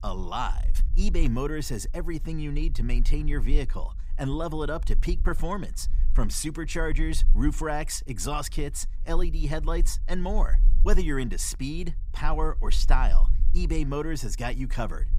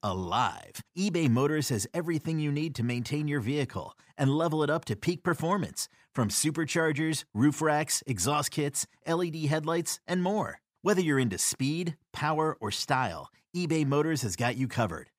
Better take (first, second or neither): second